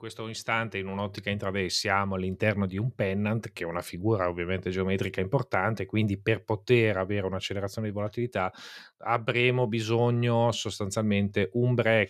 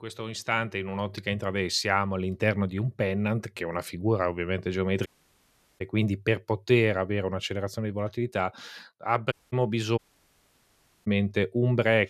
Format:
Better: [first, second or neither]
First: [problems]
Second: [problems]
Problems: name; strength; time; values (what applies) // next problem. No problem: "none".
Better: first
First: none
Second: audio cutting out; at 5 s for 0.5 s, at 9.5 s and at 10 s for 1 s